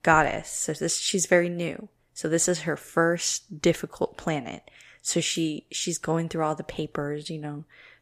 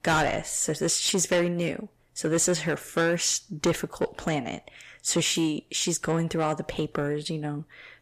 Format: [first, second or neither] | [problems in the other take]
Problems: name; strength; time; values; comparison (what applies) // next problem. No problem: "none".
first | distortion; heavy; 8 dB below the speech